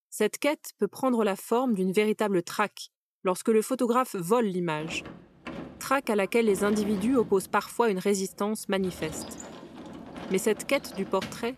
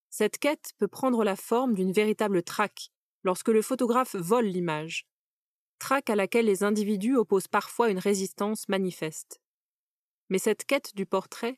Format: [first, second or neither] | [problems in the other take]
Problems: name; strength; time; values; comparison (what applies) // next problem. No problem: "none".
second | door banging; noticeable; from 5 s on; peak 10 dB below the speech